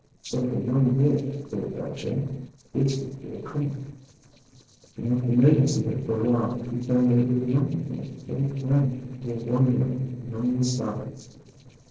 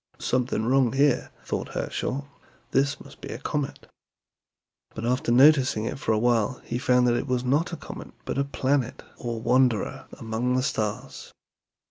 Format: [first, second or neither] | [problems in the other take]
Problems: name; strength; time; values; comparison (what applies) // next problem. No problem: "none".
second | noise reduction (neural separator model SepFormer DNS4)